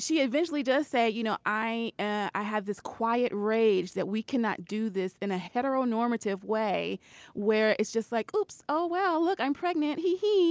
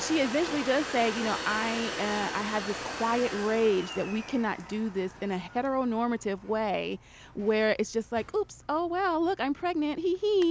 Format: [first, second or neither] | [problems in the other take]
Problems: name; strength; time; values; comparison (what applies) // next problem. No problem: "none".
first | background sound (Domestic sounds, home sounds); 11 dB below the speech